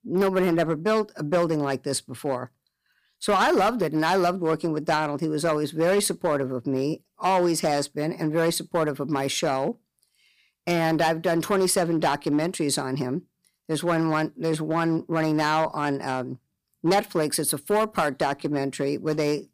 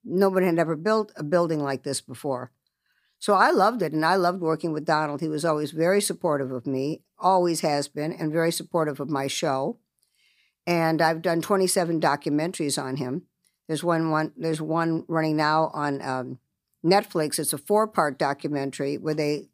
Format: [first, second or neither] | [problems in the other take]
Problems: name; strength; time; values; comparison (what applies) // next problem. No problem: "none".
second | distortion; slight; 5% of the sound clipped